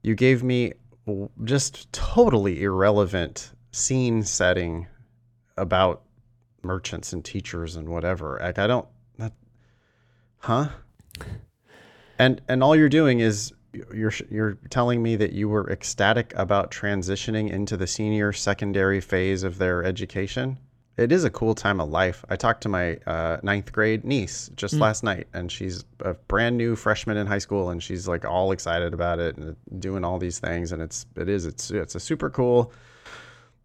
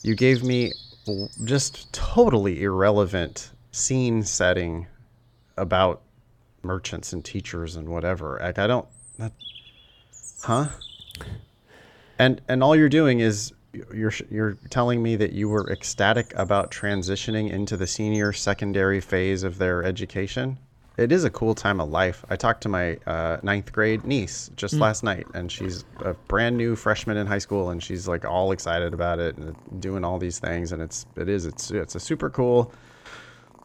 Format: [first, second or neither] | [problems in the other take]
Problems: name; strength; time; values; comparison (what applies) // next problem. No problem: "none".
first | animal sounds; noticeable; throughout; 20 dB below the speech